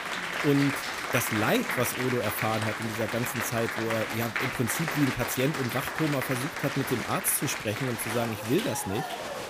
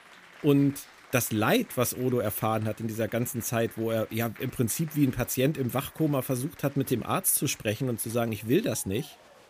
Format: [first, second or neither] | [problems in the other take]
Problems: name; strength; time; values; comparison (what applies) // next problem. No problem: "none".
second | crowd noise; loud; throughout; 2 dB below the speech; faint in the second